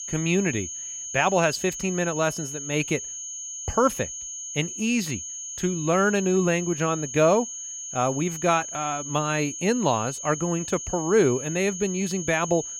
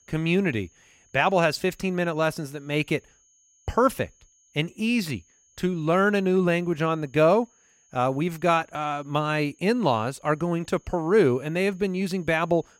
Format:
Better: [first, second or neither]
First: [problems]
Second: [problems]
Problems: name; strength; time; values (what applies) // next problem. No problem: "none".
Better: second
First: high-pitched whine; loud; throughout; 6.5 kHz, 7 dB below the speech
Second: high-pitched whine; faint; throughout; 6.5 kHz, 35 dB below the speech